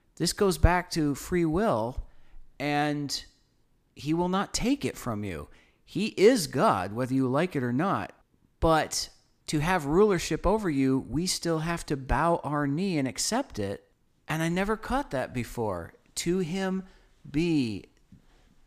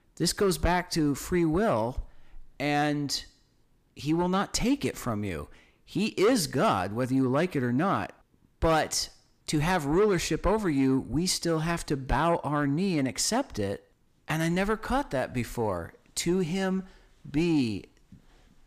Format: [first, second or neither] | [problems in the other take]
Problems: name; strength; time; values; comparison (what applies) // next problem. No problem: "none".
first | distortion; slight; 10 dB below the speech